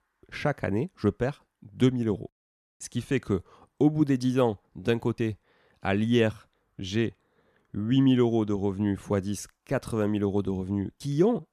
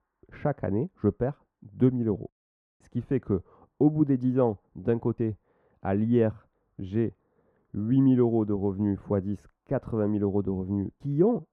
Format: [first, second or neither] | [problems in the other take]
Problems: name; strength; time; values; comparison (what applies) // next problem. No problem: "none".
first | muffled; very; fading above 2 kHz